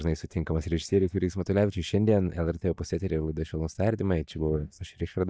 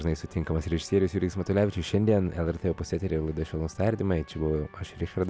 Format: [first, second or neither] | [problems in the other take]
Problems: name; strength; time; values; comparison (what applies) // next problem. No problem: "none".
second | noise reduction (neural mask model DeepFilterNet 3)